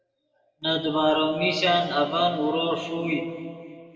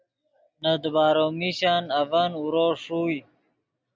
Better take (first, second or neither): second